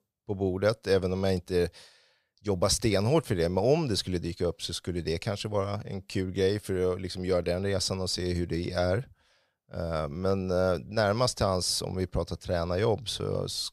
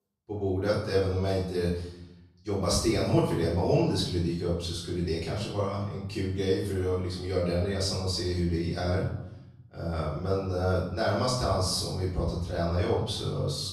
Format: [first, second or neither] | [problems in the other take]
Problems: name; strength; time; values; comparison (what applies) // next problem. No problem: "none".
first | off-mic speech; far // room echo; noticeable; dies away in 0.7 s